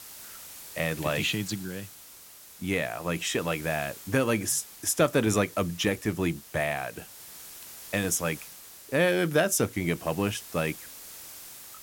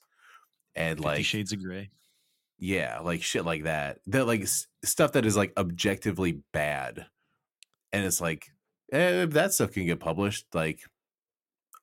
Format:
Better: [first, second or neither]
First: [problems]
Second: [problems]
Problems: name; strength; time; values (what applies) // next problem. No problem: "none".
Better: second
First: hiss; noticeable; throughout; 15 dB below the speech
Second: none